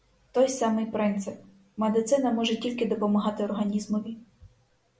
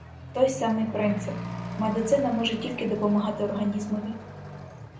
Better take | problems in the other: first | background sound (Accelerating, revving, vroom / Truck); 10 dB below the speech // room echo; dies away in 0.5 s

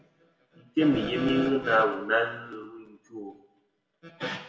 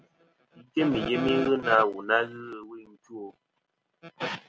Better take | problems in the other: second | room echo; dies away in 0.7 s

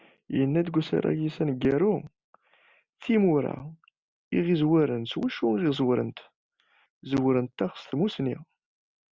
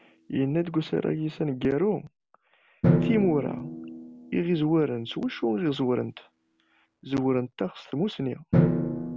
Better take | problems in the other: first | background sound (Drum); 3 dB below the speech

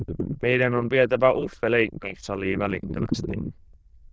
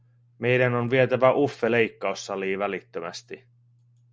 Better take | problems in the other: second | noise reduction (neural diffusion model UNIVERSE++)

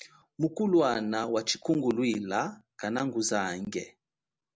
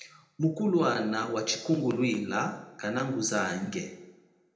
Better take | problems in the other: first | room echo; dies away in 0.8 s

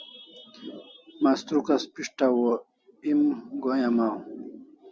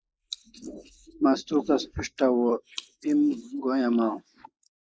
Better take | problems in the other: first | noise reduction (neural mask model Resemble Enhance denoiser)

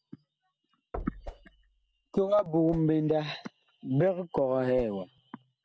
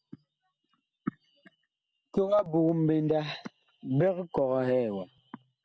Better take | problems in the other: second | background sound (Whoosh, swoosh, swish + Knock); 15 dB below the speech

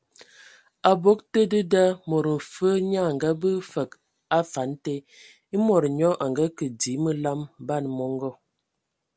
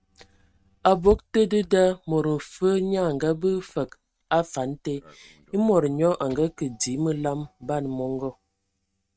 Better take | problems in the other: first | noise reduction (neural mask model RNNoise)

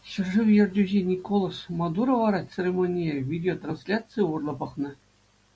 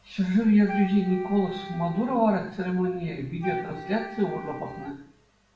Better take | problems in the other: first | background sound (Wind instrument, woodwind instrument); 14 dB below the speech // room echo; dies away in 0.7 s

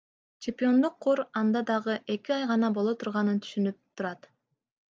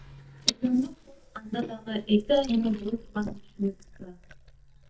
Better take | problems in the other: first | noise reduction (neural mask model DeepFilterNet 3)

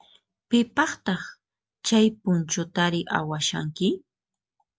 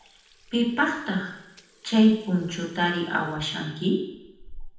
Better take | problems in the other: first | background sound (Sink (filling or washing) / Water tap, faucet); 20 dB below the speech // room echo; dies away in 0.8 s

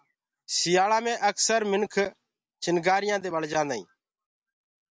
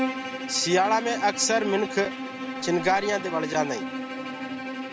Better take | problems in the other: first | background sound (Bowed string instrument); 6 dB below the speech

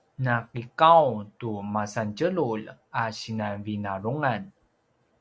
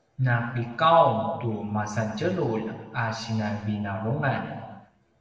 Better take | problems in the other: first | room echo; dies away in 1.3 s

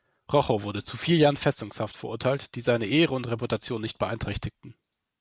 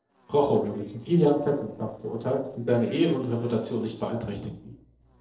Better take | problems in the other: first | noise reduction (neural separator model SepFormer DNS4)

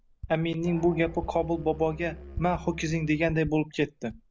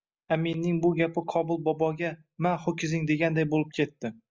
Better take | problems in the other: second | background sound (Typing + Musical instrument); 14 dB below the speech

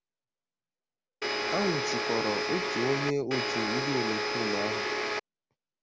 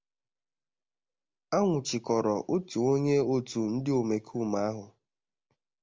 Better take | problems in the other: second | background sound (Domestic sounds, home sounds); 4 dB above the speech

